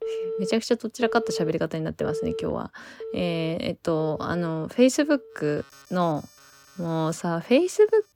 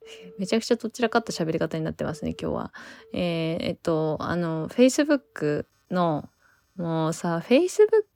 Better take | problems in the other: second | alarms or sirens; loud; throughout; 9 dB below the speech; faint in the second

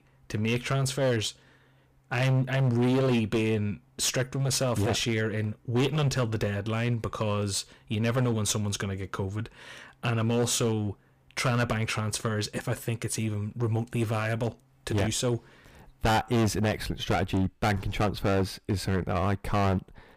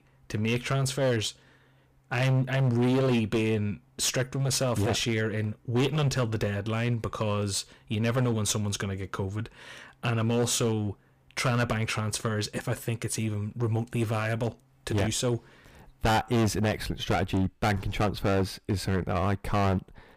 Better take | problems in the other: neither | distortion; heavy; 14% of the sound clipped; the same in both

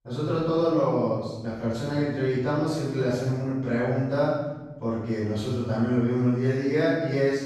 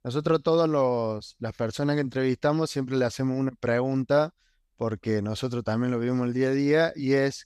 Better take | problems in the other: second | room echo; strong; dies away in 1.1 s // off-mic speech; far

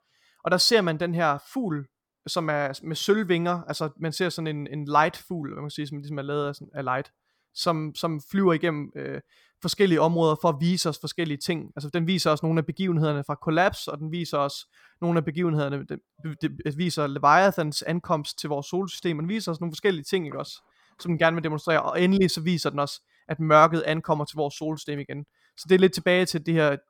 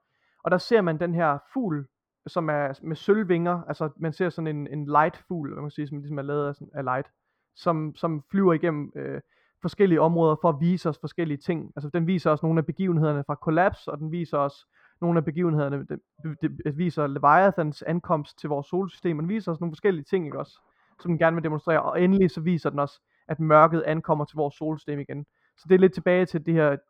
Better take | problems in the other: first | muffled; very; fading above 3 kHz

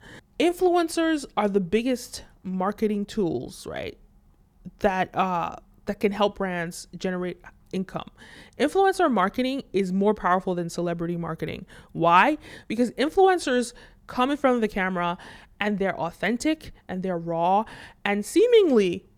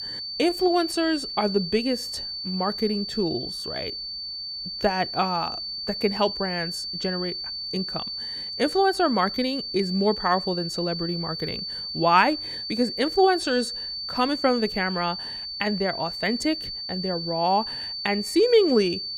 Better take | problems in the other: first | high-pitched whine; loud; throughout; 4.5 kHz, 5 dB below the speech

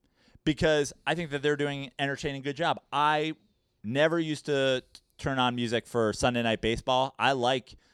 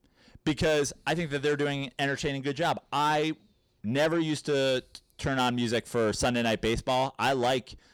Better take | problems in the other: first | distortion; slight; 10 dB below the speech

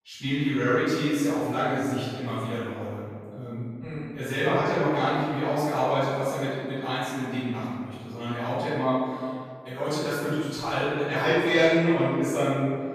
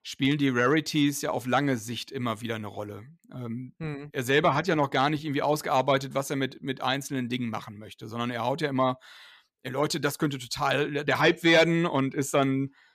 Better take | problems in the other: second | off-mic speech; far // room echo; strong; dies away in 1.9 s

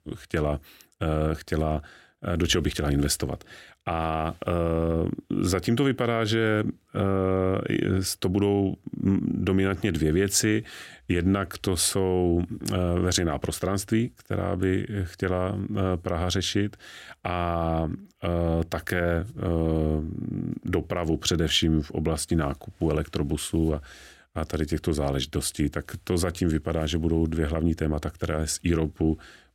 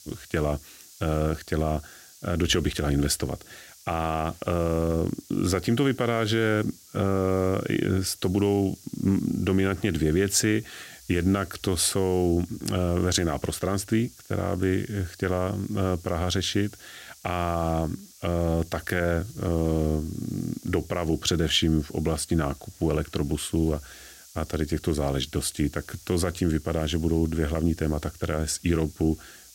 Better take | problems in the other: first | hiss; faint; throughout; 20 dB below the speech

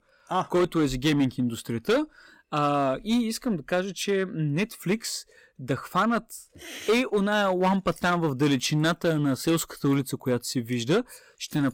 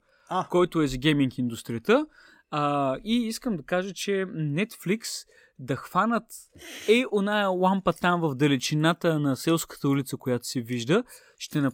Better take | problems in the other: second | distortion; slight; 6% of the sound clipped

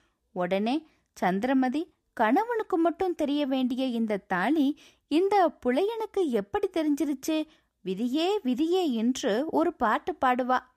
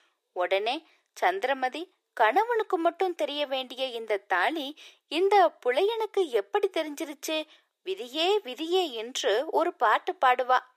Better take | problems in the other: first | thin; very; fading below 400 Hz

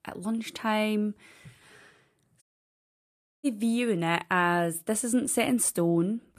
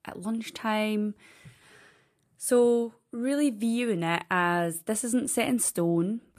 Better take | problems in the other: second | audio cutting out; at 2.5 s for 1 s

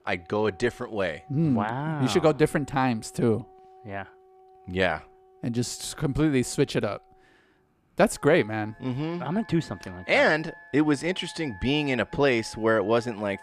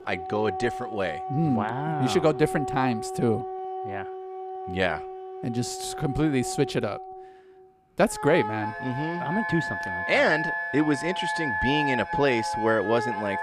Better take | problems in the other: first | background music; loud; throughout; 5 dB below the speech; faint in the first

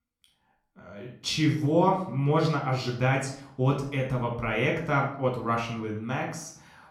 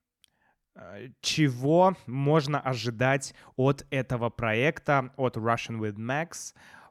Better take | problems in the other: second | off-mic speech; somewhat distant // room echo; slight; dies away in 0.5 s

